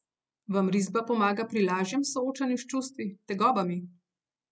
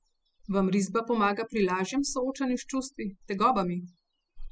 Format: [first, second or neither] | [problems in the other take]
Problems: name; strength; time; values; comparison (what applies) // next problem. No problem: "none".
first | noise reduction (classical method spectral subtraction)